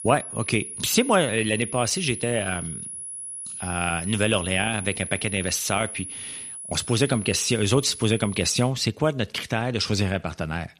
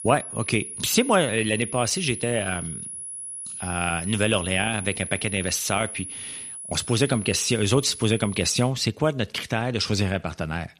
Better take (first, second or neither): neither